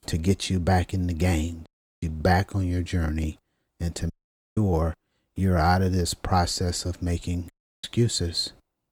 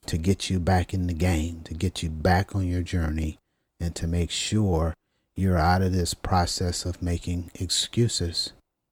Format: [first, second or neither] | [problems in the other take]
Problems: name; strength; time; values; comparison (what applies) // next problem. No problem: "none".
second | audio cutting out; at 1.5 s, at 4 s and at 7.5 s